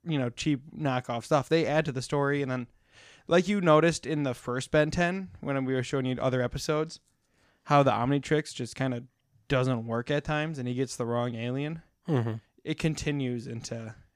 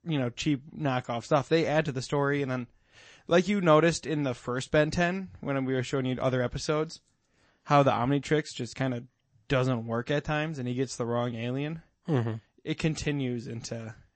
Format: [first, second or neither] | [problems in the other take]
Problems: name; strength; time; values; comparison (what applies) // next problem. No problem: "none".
first | garbled, watery; slightly; nothing above 8 kHz